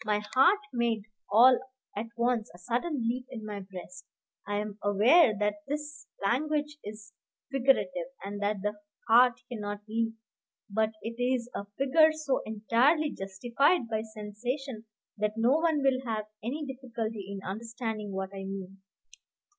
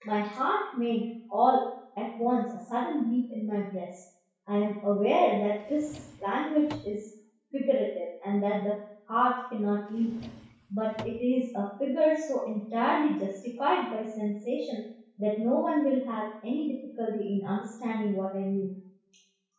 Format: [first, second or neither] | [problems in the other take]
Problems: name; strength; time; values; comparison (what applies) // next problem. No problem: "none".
first | background sound (Drawer open or close); 18 dB below the speech // room echo; dies away in 0.6 s